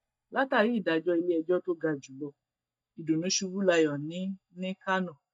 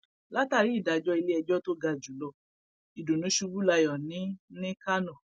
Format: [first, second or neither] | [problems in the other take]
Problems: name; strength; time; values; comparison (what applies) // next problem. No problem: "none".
second | noise reduction (neural mask model DeepFilterNet 3)